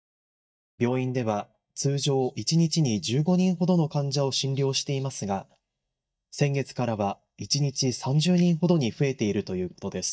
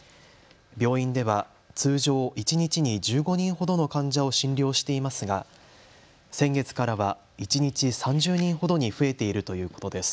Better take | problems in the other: second | noise reduction (neural mask model DeepFilterNet 3)

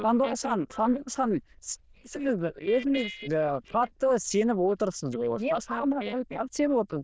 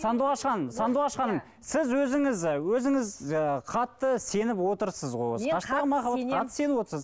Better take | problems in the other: second | noise reduction (neural diffusion model UNIVERSE++)

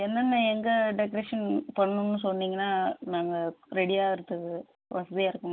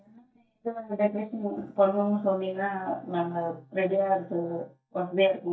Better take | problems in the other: first | noise reduction (neural mask model DeepFilterNet 3)

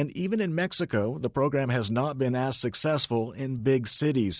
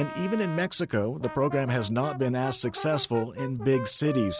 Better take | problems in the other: first | background sound (Brass instrument); 12 dB below the speech

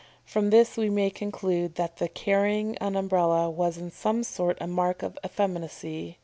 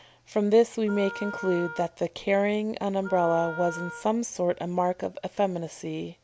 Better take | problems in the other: first | background sound (Wind instrument, woodwind instrument); 14 dB below the speech

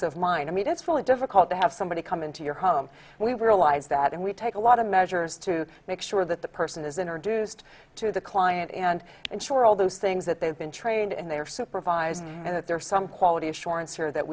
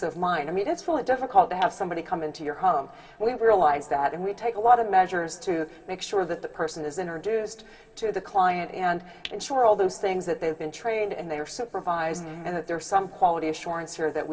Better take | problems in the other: first | room echo; dies away in 1.4 s

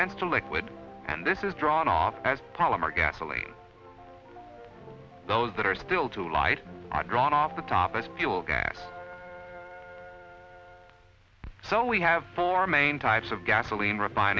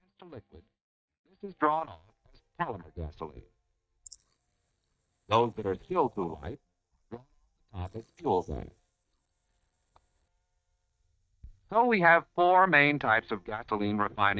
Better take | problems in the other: first | noise reduction (neural mask model DeepFilterNet 3)

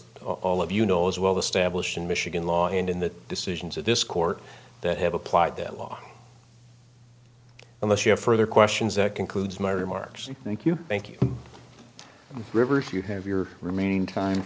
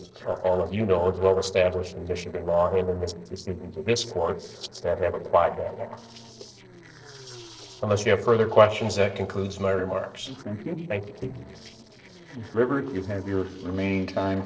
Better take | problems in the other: first | noise reduction (neural separator model SepFormer DNS4)

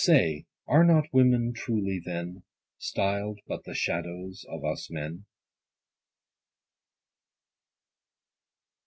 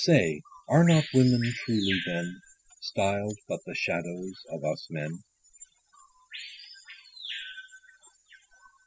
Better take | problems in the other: first | noise reduction (classical method spectral subtraction)

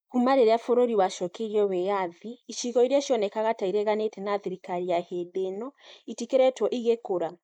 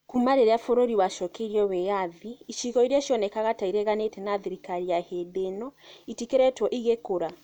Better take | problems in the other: second | noise reduction (neural mask model Resemble Enhance denoiser)

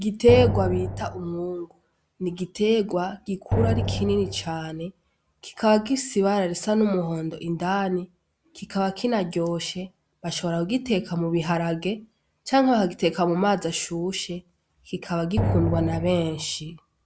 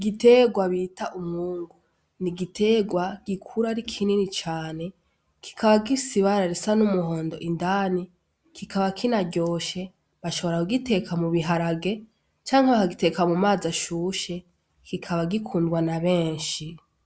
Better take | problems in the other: second | background sound (Drum); 2 dB below the speech

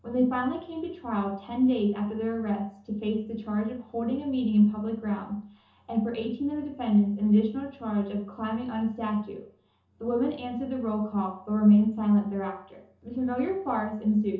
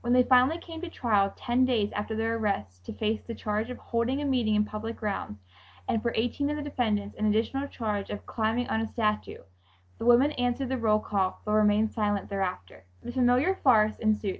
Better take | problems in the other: second | room echo; dies away in 0.6 s

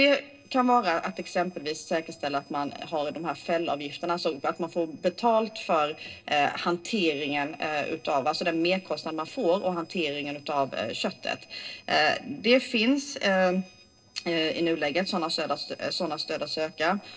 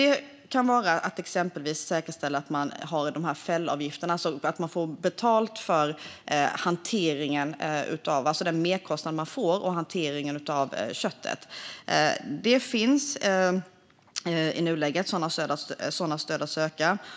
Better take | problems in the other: second | noise reduction (neural separator model SepFormer DNS4)

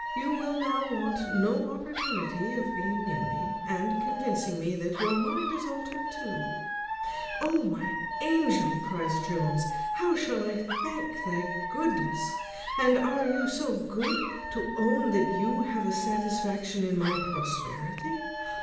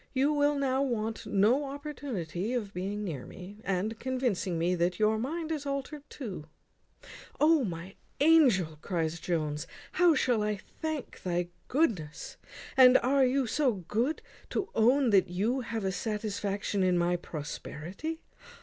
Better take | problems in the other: second | background sound (Alarm / Dog); 4 dB below the speech // room echo; dies away in 0.9 s

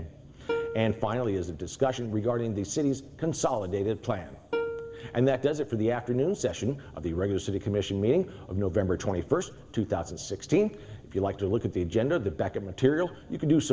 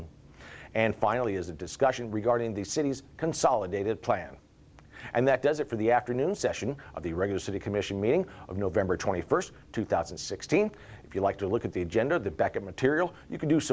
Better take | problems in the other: second | background sound (Plucked string instrument); 9 dB below the speech // room echo; dies away in 1.1 s

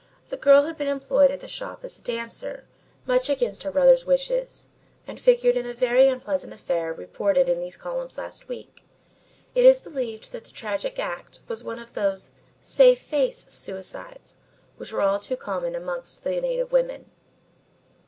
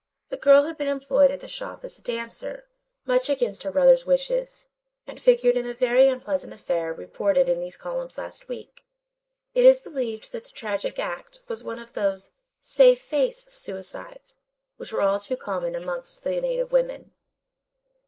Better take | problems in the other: first | noise reduction (neural mask model Resemble Enhance denoiser)

